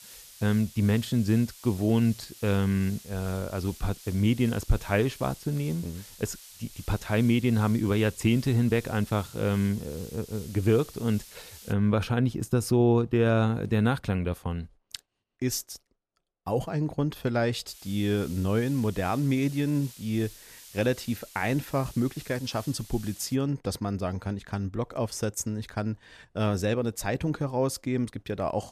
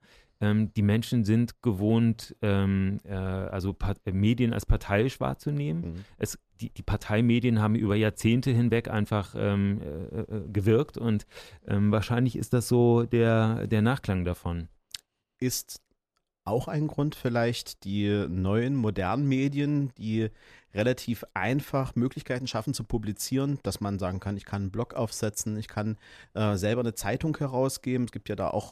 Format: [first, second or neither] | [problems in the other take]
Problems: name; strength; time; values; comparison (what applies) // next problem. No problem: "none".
second | hiss; noticeable; until 12 s and from 18 to 23 s; 20 dB below the speech